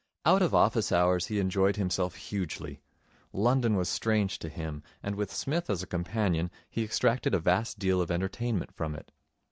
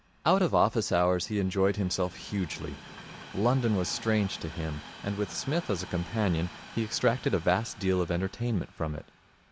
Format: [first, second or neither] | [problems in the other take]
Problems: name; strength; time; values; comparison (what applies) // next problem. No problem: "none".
first | background sound (Train); 18 dB below the speech